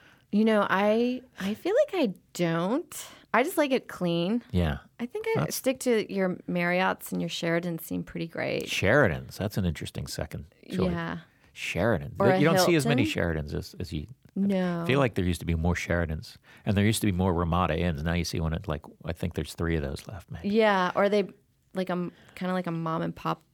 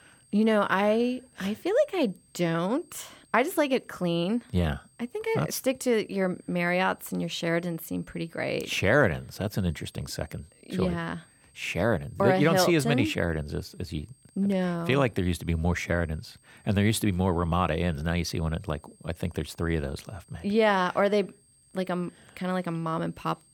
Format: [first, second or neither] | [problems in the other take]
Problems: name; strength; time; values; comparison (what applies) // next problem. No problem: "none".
first | high-pitched whine; faint; throughout; 8.5 kHz, 30 dB below the speech